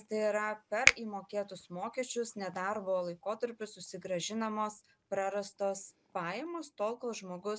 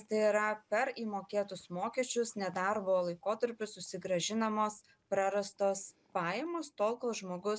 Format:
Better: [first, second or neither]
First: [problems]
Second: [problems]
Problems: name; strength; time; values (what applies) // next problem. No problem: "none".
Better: second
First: background sound (Finger snapping); 1 dB above the speech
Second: none